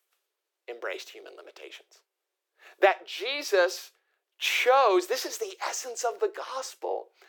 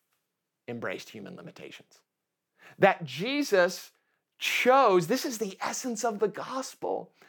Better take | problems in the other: second | thin; very; fading below 350 Hz

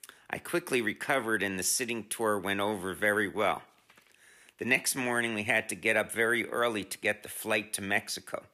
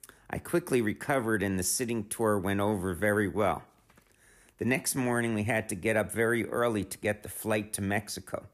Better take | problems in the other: second | thin; very slightly; fading below 350 Hz

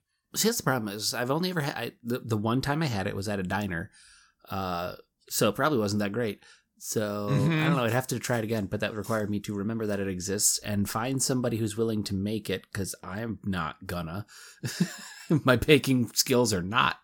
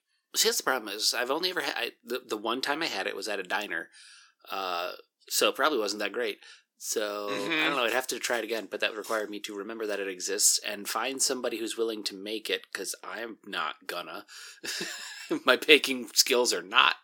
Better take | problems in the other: first | thin; somewhat; fading below 350 Hz

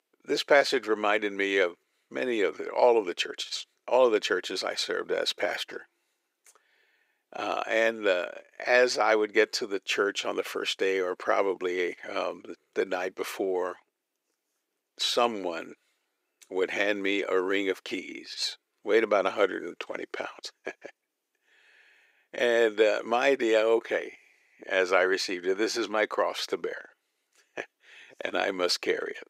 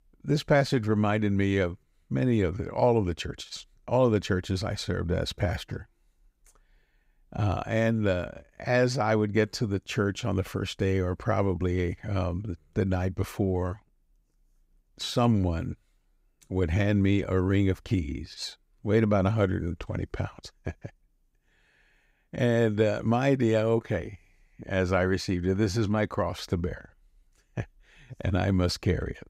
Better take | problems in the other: second | thin; very; fading below 400 Hz

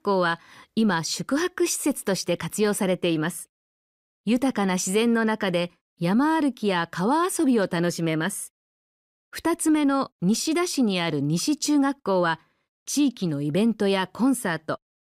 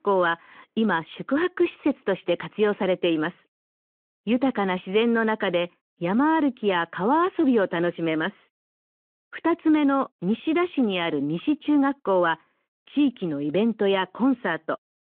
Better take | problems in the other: first | phone-call audio

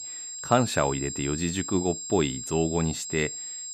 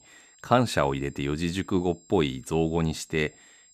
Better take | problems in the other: second | high-pitched whine; loud; throughout; 7.5 kHz, 6 dB below the speech; faint in the second

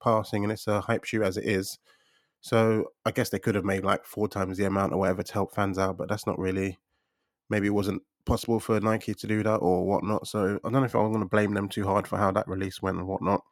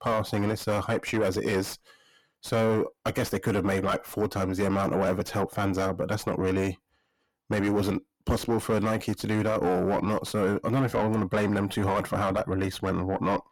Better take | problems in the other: first | distortion; heavy; 7 dB below the speech

